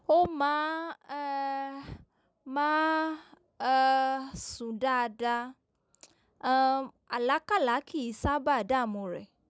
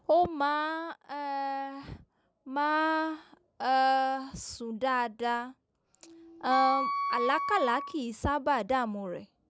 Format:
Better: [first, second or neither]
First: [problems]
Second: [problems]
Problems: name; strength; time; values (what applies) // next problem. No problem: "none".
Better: first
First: none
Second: background sound (Wind instrument, woodwind instrument); 3 dB below the speech